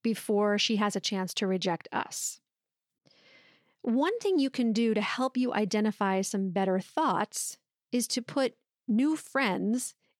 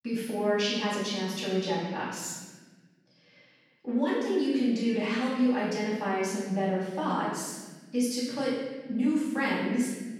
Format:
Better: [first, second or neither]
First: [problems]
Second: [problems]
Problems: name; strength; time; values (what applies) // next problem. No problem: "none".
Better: first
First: none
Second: off-mic speech; far // room echo; strong; dies away in 1.4 s